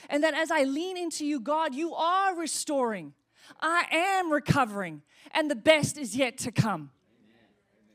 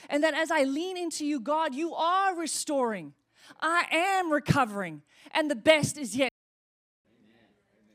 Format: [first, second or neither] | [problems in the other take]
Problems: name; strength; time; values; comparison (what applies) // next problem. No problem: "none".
first | audio cutting out; at 6.5 s for 1 s